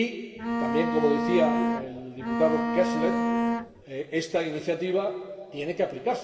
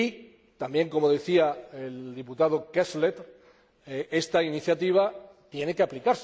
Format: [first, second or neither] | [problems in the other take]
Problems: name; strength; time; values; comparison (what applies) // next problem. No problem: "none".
second | background sound (Bowed string instrument); 1 dB above the speech // room echo; dies away in 2.1 s